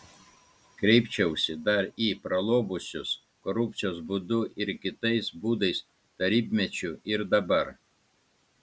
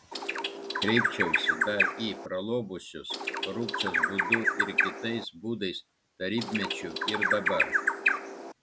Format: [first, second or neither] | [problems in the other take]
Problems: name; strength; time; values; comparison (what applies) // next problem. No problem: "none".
first | background sound (Bird); 5 dB above the speech